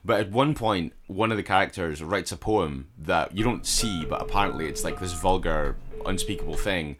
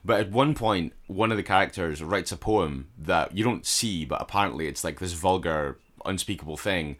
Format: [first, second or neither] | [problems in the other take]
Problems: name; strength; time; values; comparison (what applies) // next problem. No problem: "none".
second | phone ringing; noticeable; from 3.5 s on; peak 9 dB below the speech